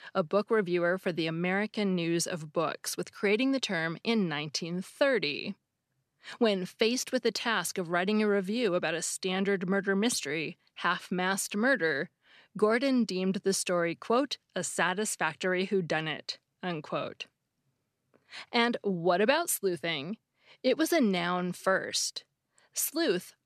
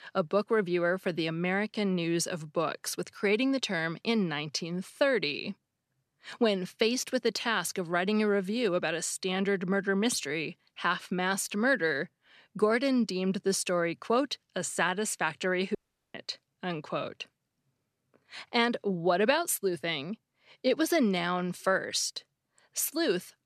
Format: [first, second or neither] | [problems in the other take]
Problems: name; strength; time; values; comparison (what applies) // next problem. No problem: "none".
first | audio cutting out; at 16 s